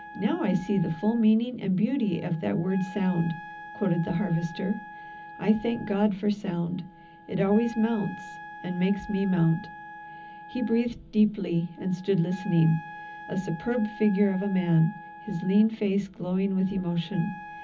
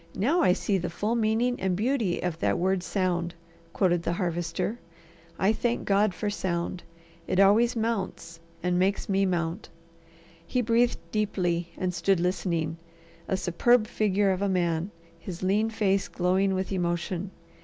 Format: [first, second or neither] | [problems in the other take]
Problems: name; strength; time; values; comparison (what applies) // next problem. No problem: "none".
second | background sound (Wind instrument, woodwind instrument); 17 dB below the speech // room echo; dies away in 0.4 s